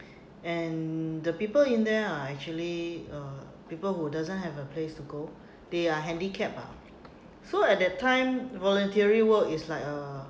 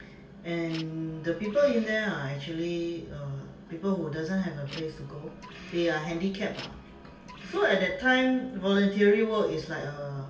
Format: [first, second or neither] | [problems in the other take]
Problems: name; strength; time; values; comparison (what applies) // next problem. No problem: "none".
first | background sound (Printer); 18 dB below the speech // room echo; dies away in 0.2 s